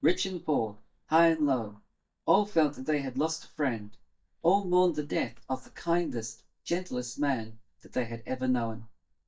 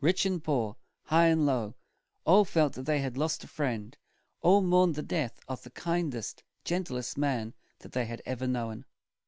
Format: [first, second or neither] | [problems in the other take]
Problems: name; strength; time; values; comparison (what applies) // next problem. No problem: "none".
second | noise reduction (neural mask model DeepFilterNet 3)